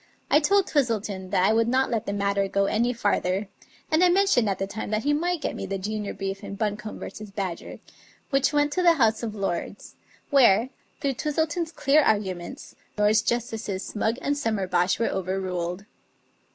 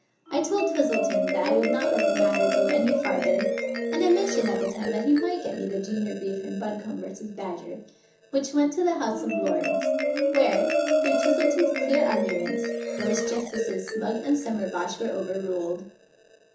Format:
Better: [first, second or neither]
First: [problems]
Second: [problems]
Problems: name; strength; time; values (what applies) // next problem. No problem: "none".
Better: first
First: none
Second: background sound (Marimba, xylophone); as loud as the speech // room echo; dies away in 0.7 s